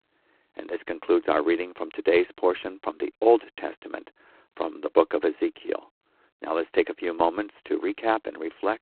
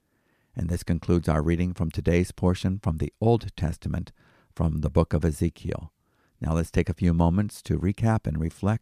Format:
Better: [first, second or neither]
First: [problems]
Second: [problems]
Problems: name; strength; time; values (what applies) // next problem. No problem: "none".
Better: second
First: phone-call audio; poor line; nothing above 4 kHz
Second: none